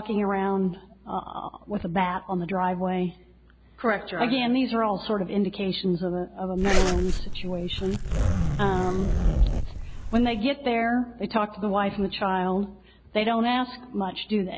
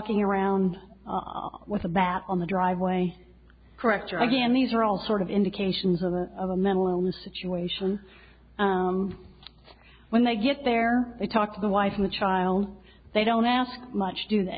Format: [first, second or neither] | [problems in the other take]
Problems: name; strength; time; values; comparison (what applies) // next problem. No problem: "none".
second | background sound (Zipper (clothing)); 2 dB above the speech